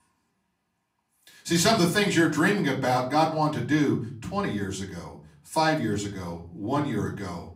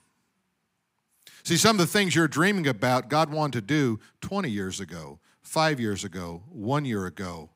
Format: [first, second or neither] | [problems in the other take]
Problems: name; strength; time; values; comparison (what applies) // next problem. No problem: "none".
second | off-mic speech; far // room echo; very slight; dies away in 0.4 s